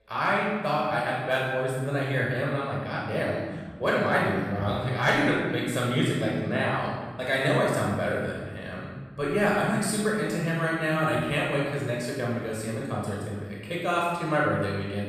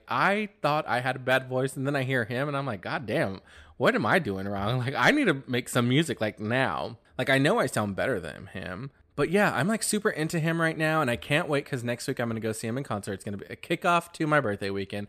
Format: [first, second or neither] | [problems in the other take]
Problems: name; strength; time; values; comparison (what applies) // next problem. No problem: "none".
second | off-mic speech; far // room echo; strong; dies away in 1.3 s